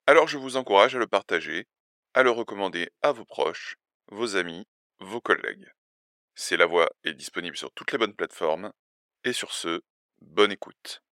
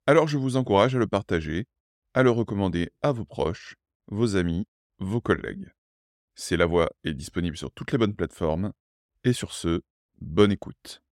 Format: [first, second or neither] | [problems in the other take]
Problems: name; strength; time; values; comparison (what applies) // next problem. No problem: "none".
second | thin; very; fading below 550 Hz